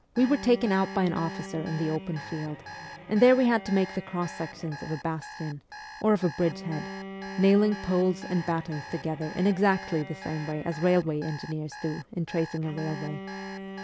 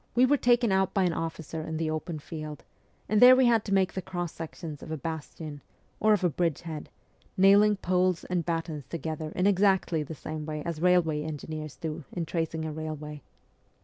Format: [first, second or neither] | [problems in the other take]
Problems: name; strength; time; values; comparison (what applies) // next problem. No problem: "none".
second | background sound (Bowed string instrument + Alarm); 13 dB below the speech